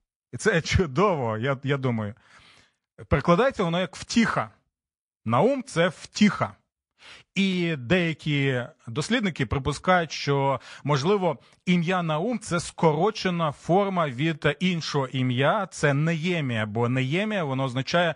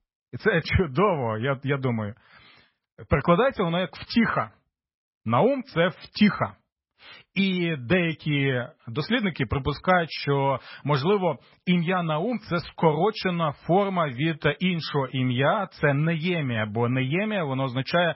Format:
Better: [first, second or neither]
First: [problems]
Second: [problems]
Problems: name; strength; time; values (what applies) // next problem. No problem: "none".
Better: first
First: garbled, watery; slightly; nothing above 10 kHz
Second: garbled, watery; badly; nothing above 5.5 kHz